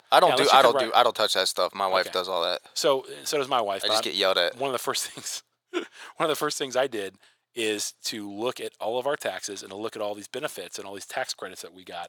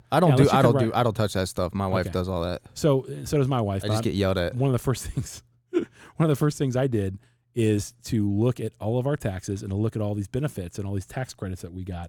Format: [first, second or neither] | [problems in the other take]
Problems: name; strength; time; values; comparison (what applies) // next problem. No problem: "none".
second | thin; very; fading below 700 Hz